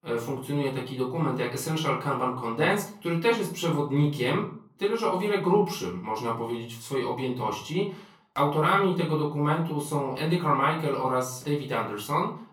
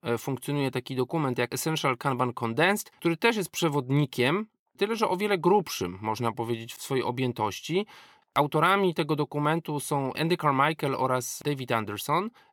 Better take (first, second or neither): second